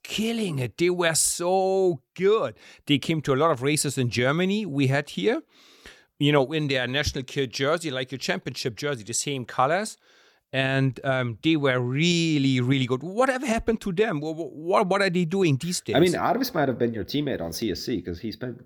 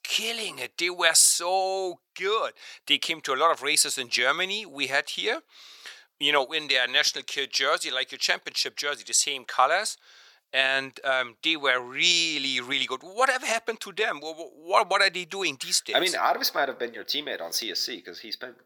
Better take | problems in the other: first | thin; very; fading below 800 Hz

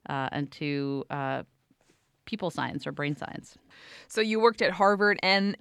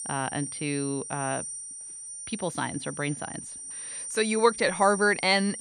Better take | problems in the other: first | high-pitched whine; loud; throughout; 9 kHz, 8 dB below the speech

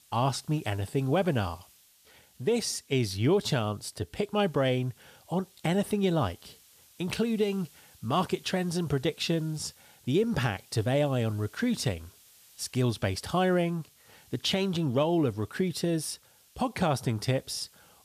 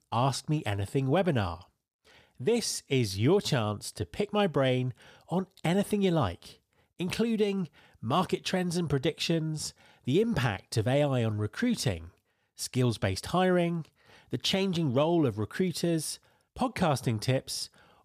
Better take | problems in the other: second | hiss; faint; throughout; 25 dB below the speech

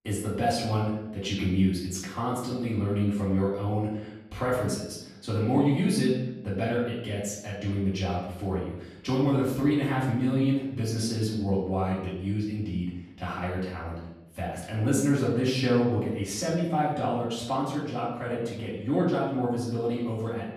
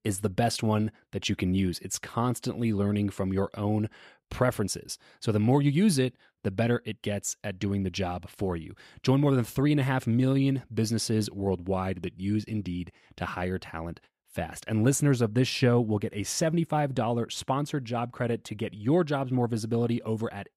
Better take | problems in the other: second | room echo; noticeable; dies away in 0.8 s // off-mic speech; far

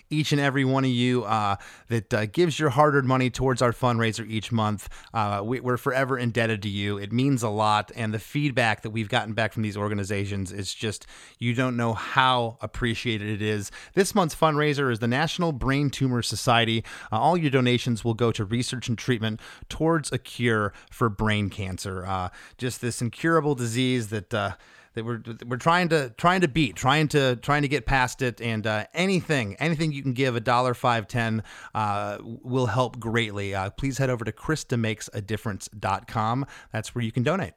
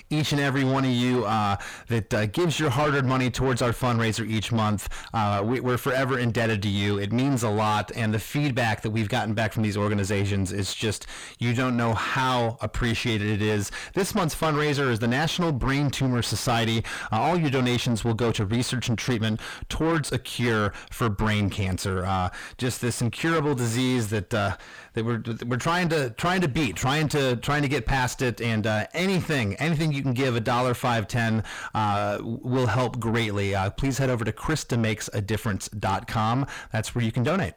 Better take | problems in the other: first | distortion; heavy; 6 dB below the speech

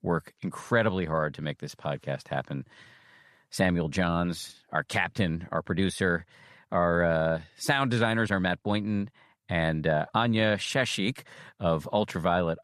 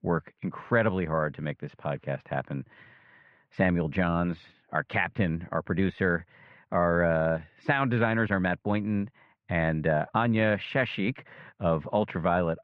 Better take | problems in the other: first | muffled; very; fading above 2.5 kHz

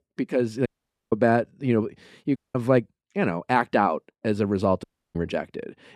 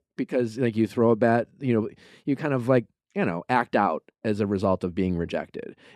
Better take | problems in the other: second | audio cutting out; at 0.5 s, at 2.5 s and at 5 s

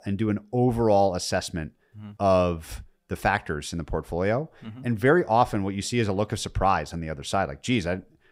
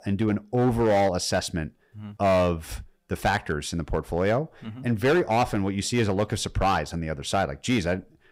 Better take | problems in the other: first | distortion; slight; 7% of the sound clipped

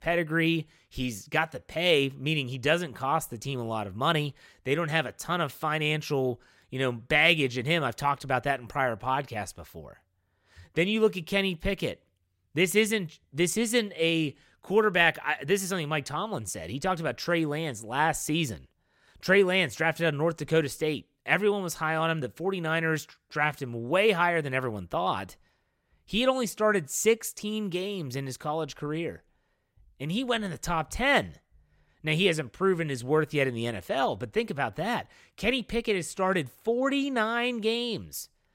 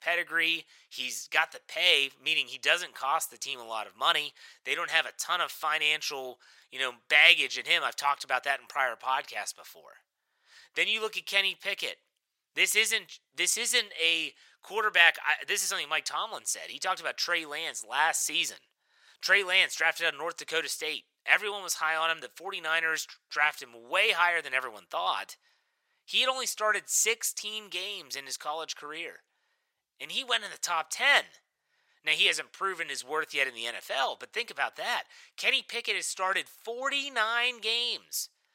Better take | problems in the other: first | thin; very; fading below 900 Hz

